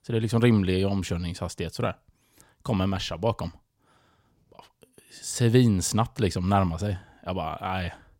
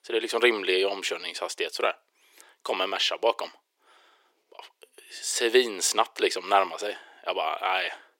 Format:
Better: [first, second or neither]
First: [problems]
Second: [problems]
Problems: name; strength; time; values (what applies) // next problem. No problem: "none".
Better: first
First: none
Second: thin; very; fading below 350 Hz